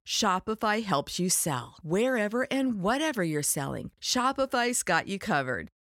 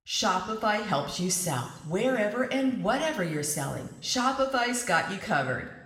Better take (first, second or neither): first